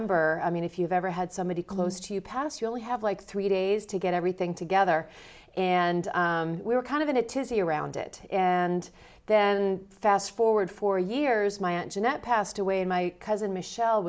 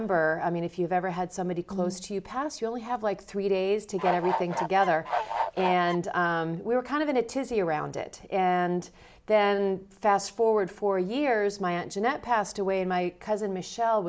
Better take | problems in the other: first | background sound (Bird / Fowl); 3 dB below the speech

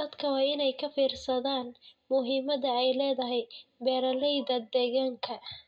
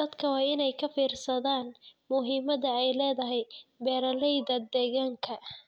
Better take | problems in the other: second | room echo; dies away in 0.2 s

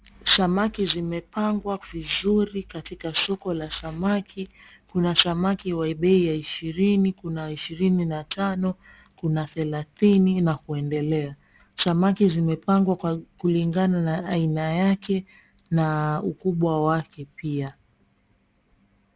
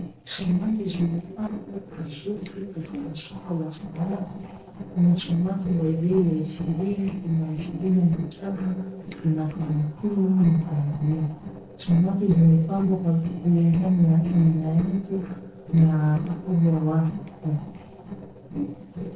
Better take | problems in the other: first | noise reduction (neural separator model SepFormer DNS4)

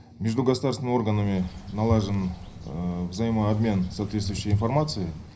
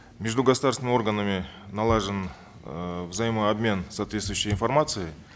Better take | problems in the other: second | background sound (Bird); 17 dB below the speech // room echo; dies away in 0.4 s

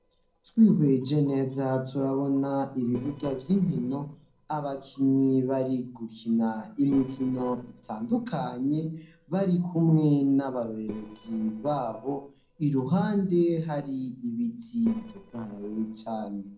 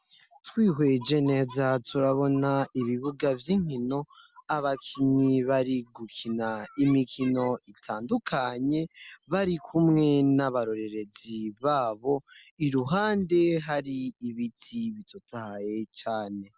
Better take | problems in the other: second | noise reduction (neural separator model SepFormer DNS4)

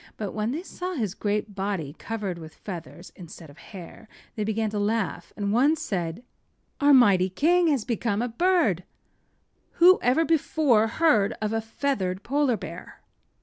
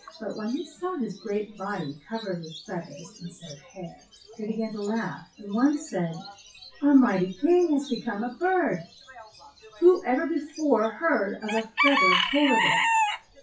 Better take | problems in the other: first | noise reduction (classical method WPE with log-MMSE)

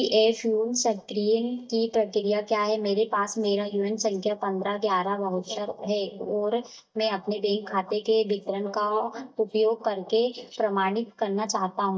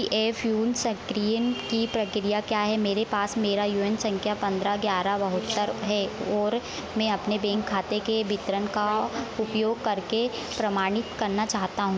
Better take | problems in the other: second | noise reduction (neural mask model DeepFilterNet 3)

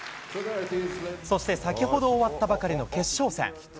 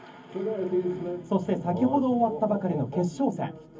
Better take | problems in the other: first | room echo; dies away in 0.3 s

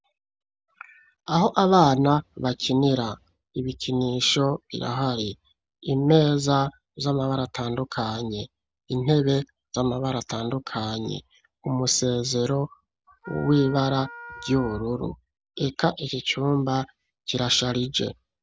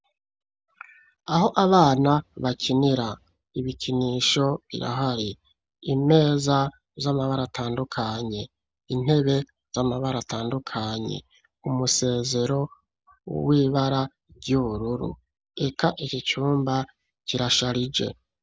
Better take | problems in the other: second | background sound (Wind instrument, woodwind instrument); 17 dB below the speech

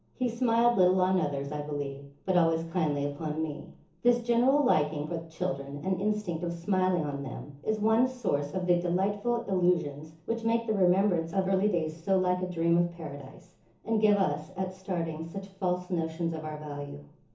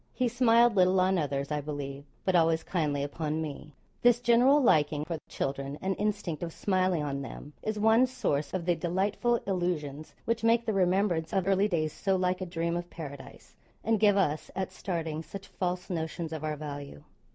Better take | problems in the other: second | room echo; dies away in 0.7 s

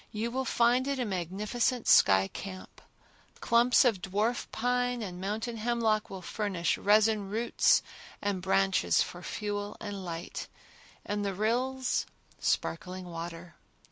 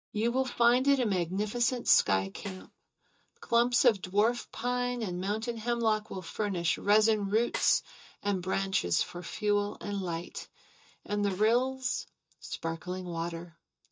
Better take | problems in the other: first | noise reduction (neural mask model DeepFilterNet 3)

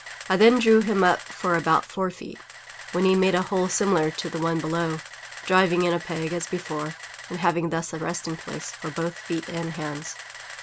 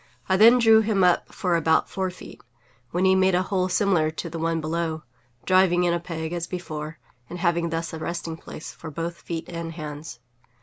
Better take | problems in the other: second | background sound (Camera); 15 dB below the speech

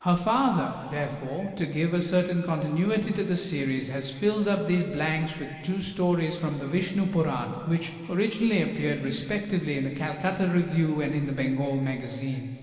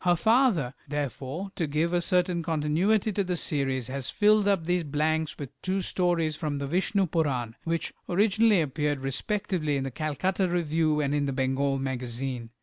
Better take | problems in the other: second | room echo; dies away in 2.5 s

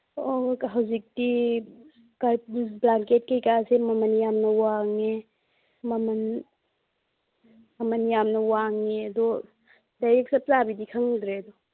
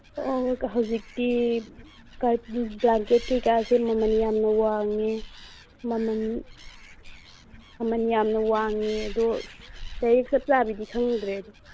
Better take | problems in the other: first | background sound (Animal); 16 dB below the speech

